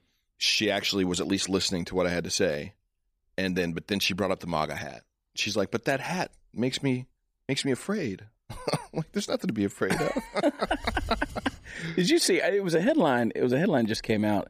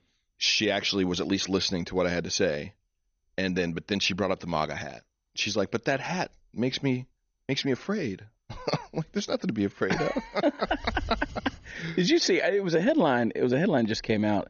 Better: first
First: none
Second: garbled, watery; slightly; nothing above 6.5 kHz

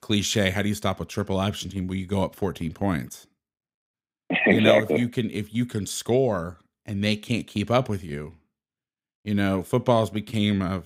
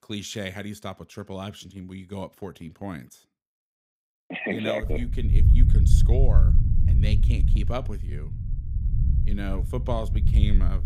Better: first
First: none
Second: low rumble; loud; from 5 s on; 6 dB below the speech

